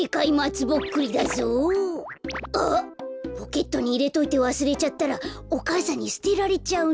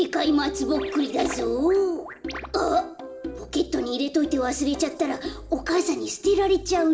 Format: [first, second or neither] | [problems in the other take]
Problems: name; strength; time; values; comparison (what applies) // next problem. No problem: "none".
first | room echo; dies away in 1.3 s